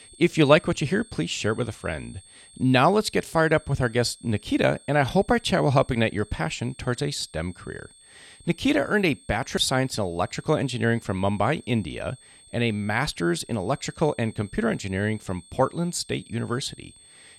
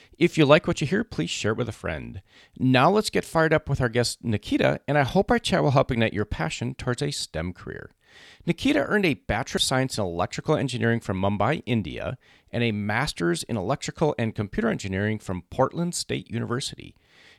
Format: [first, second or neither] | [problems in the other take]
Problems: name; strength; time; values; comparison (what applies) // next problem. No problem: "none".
second | high-pitched whine; faint; throughout; 8.5 kHz, 25 dB below the speech